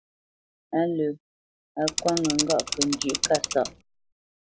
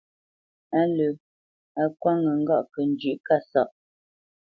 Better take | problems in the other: second | background sound (Mechanisms / Bicycle); 2 dB below the speech

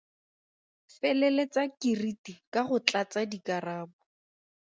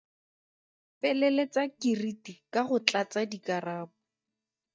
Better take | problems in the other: first | noise reduction (neural mask model DeepFilterNet 3)

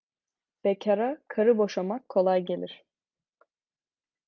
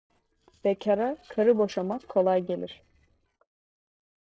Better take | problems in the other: first | noise reduction (neural separator model SepFormer DNS4)

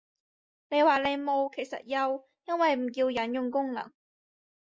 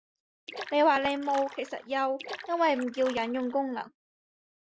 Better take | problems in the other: first | background sound (Splash, splatter); 15 dB below the speech

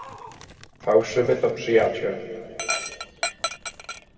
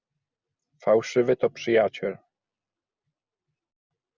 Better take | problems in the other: second | background sound (Dog); 9 dB below the speech // room echo; dies away in 2.3 s

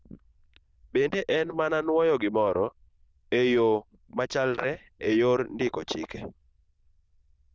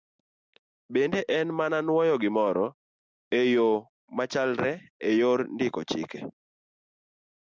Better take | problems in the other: second | noise reduction (neural diffusion model UNIVERSE++)

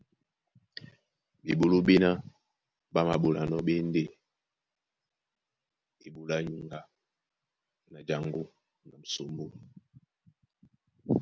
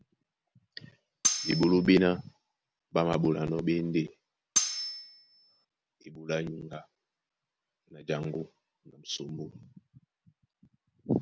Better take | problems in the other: first | background sound (Cutlery, silverware); 1 dB below the speech

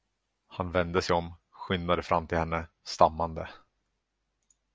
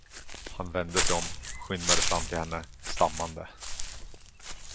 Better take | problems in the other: first | background sound (Walk, footsteps / Bird); 2 dB above the speech

